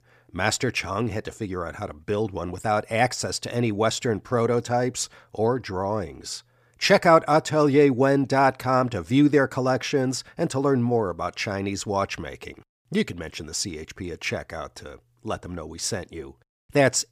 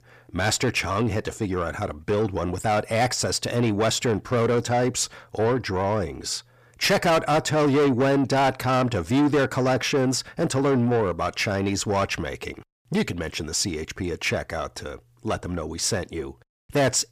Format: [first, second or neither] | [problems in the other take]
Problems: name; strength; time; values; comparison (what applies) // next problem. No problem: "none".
first | distortion; heavy; 8 dB below the speech